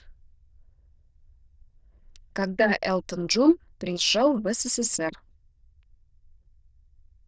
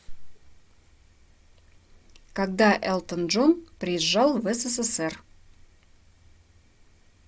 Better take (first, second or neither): second